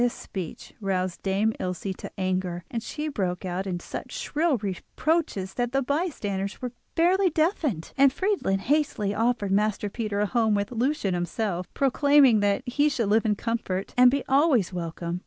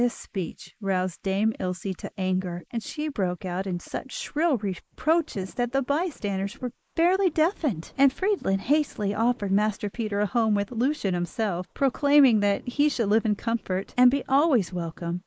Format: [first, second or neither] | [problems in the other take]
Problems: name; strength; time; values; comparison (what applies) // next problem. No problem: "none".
first | noise reduction (neural mask model Resemble Enhance denoiser)